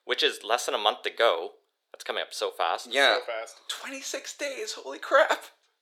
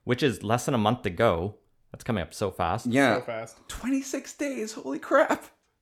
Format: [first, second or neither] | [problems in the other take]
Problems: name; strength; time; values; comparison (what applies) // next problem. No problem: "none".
second | thin; very; fading below 400 Hz